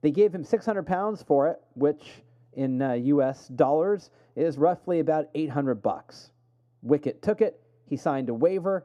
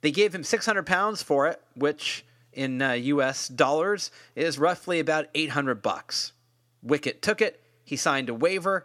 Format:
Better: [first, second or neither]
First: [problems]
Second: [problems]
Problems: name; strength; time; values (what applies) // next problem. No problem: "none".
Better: second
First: muffled; very; fading above 1 kHz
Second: none